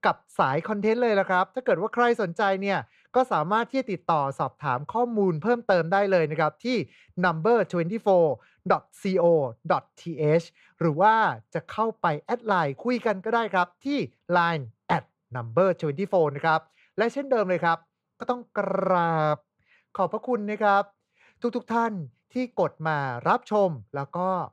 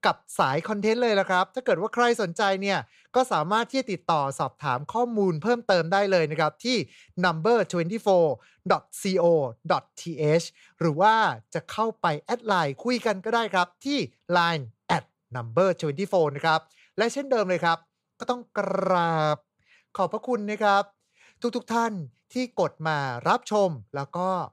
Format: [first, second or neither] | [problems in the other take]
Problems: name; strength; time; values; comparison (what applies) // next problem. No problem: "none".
second | muffled; slightly; fading above 3.5 kHz